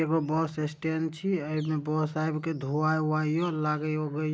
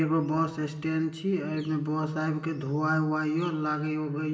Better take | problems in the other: first | room echo; dies away in 1.1 s

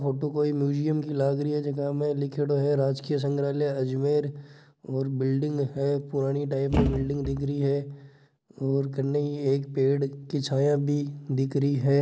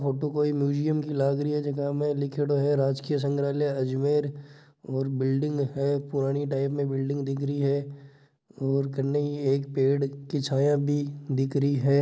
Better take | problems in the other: second | background sound (Thump, thud); 3 dB below the speech

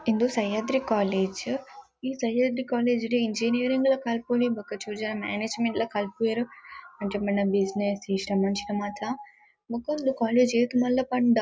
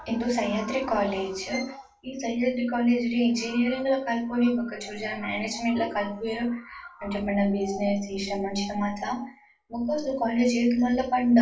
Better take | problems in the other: first | background sound (Bowed string instrument); 17 dB below the speech // room echo; dies away in 0.4 s

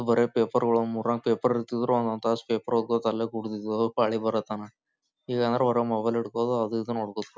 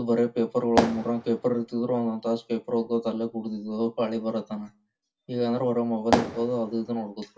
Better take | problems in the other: first | background sound (Fireworks); 2 dB below the speech // room echo; dies away in 0.2 s

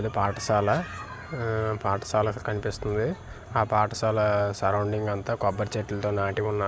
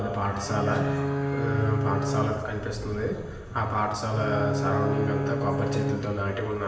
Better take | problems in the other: first | background sound (Bowed string instrument); as loud as the speech // room echo; dies away in 1 s

